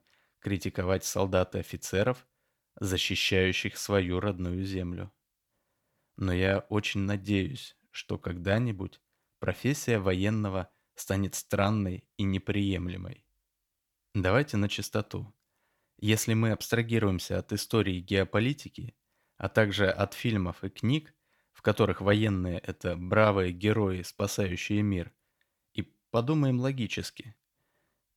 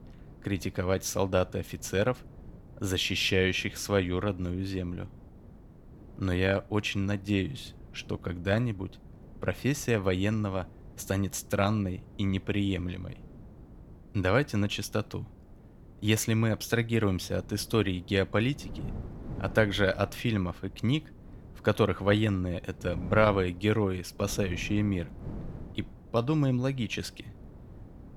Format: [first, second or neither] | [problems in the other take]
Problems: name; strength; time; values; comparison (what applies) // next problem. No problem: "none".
first | wind noise on the microphone; occasional gusts; 25 dB below the speech